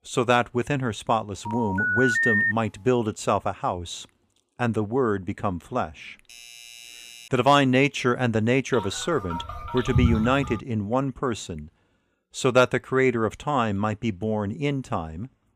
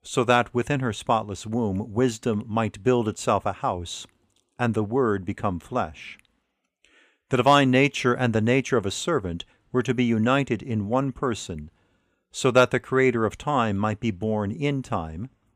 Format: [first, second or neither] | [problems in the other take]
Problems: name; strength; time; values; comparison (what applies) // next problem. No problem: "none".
second | phone ringing; loud; from 1.5 to 2.5 s and from 9 to 11 s; peak 5 dB above the speech // doorbell; faint; from 6 to 7.5 s; peak 15 dB below the speech